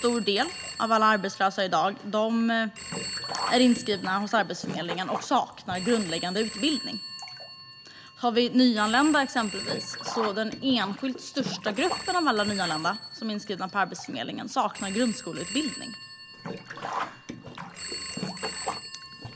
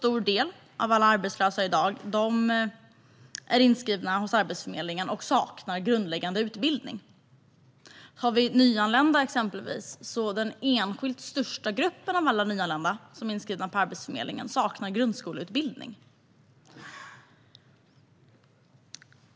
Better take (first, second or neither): second